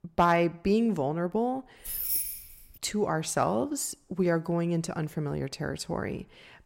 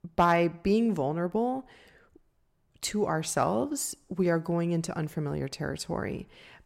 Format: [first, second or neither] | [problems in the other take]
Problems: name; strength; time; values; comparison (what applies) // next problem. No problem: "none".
second | jangling keys; loud; at 2 s; peak 2 dB above the speech